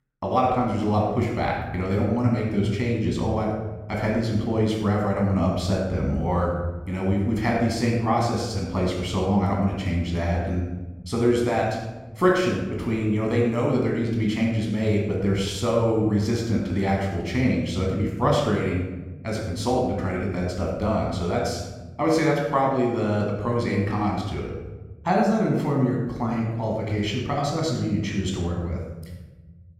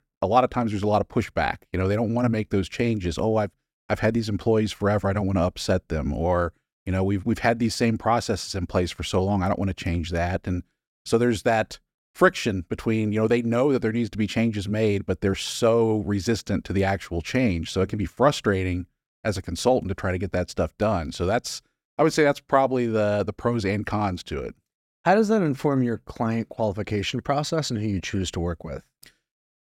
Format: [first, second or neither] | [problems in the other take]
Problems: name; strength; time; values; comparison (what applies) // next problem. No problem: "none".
second | off-mic speech; somewhat distant // room echo; noticeable; dies away in 1.1 s